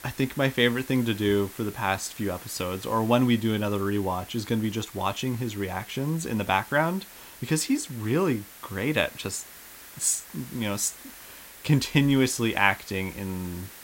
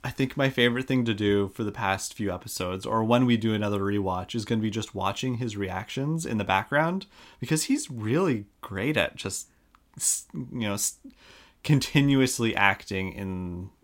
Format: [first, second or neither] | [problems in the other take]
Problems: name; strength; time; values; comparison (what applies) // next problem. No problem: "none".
second | hiss; noticeable; throughout; 15 dB below the speech